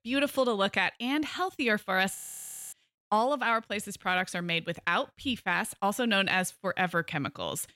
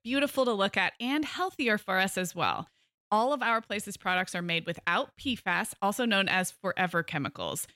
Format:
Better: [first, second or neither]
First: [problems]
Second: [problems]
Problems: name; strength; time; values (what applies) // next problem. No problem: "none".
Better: second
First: audio freezing; at 2 s for 0.5 s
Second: none